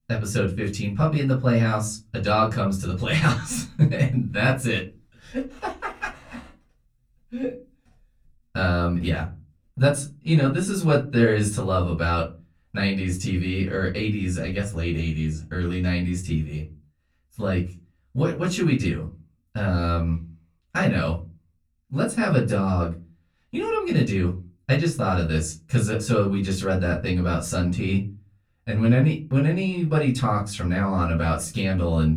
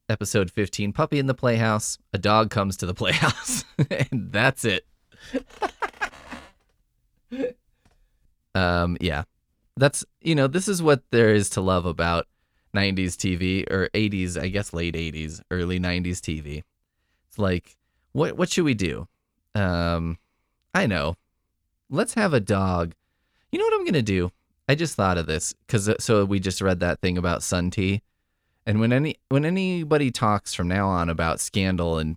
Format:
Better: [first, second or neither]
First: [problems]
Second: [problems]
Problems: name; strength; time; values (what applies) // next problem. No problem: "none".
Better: second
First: off-mic speech; far // room echo; very slight; dies away in 0.3 s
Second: none